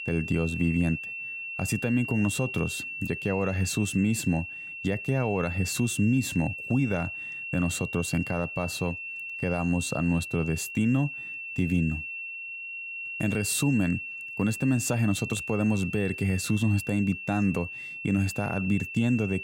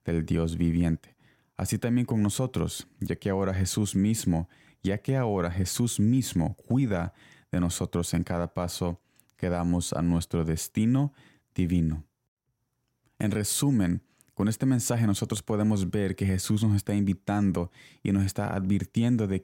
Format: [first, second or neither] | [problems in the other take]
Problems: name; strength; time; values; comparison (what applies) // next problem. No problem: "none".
second | high-pitched whine; loud; throughout; 2.5 kHz, 7 dB below the speech